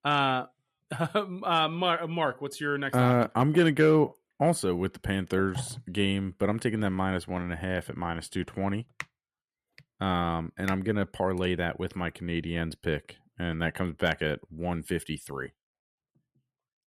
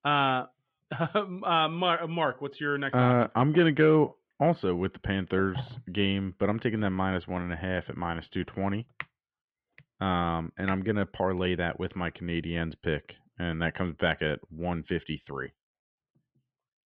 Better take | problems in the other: first | muffled; very; fading above 3.5 kHz

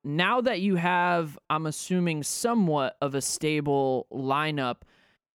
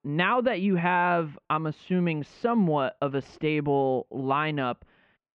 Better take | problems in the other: first | muffled; very; fading above 3 kHz

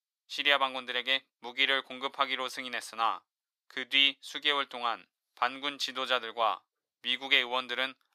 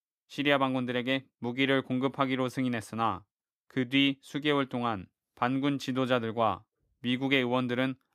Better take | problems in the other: second | thin; very; fading below 800 Hz

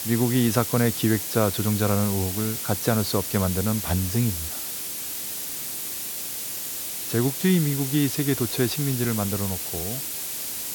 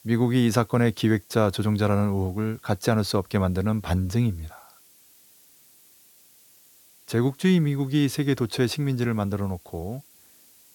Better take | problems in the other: second | hiss; loud; throughout; 3 dB below the speech; faint in the second

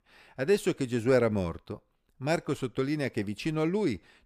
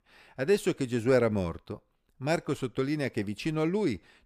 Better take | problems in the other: neither | none

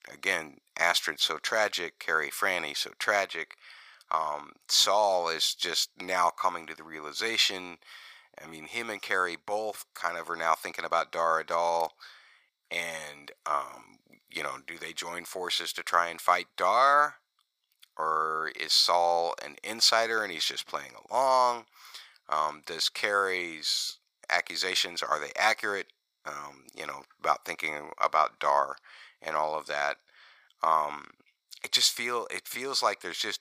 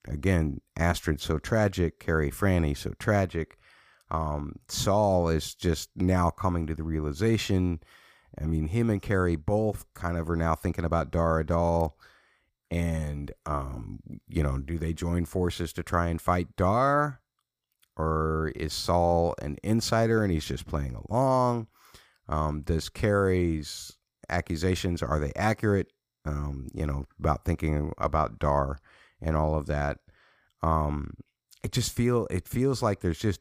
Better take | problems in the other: second | thin; very; fading below 900 Hz

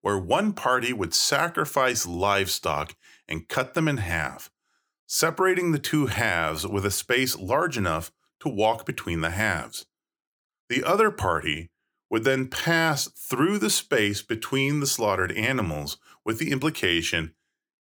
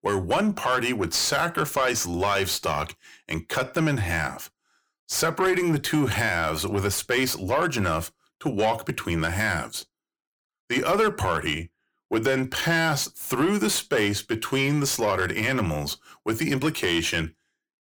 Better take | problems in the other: first | distortion; slight; 10 dB below the speech

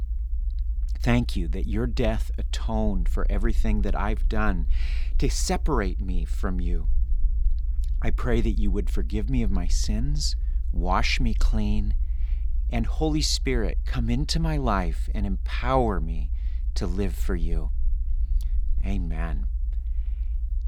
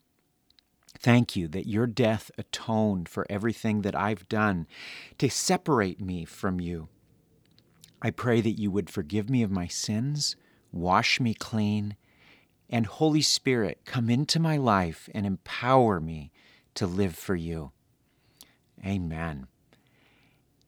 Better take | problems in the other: second | low rumble; faint; throughout; 20 dB below the speech

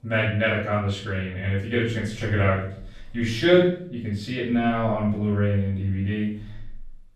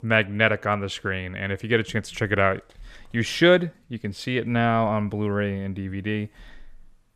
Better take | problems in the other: second | off-mic speech; far // room echo; noticeable; dies away in 0.6 s

